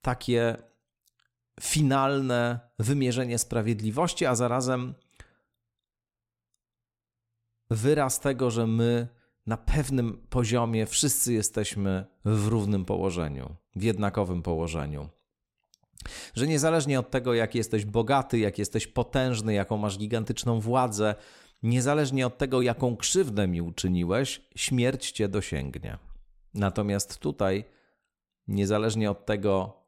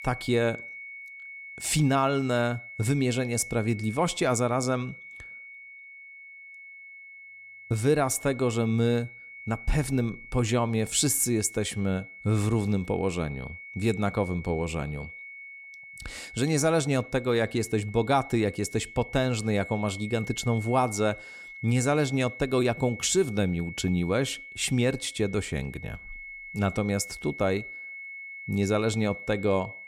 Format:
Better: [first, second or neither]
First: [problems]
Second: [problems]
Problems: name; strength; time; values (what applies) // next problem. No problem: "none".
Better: first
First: none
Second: high-pitched whine; noticeable; throughout; 2 kHz, 15 dB below the speech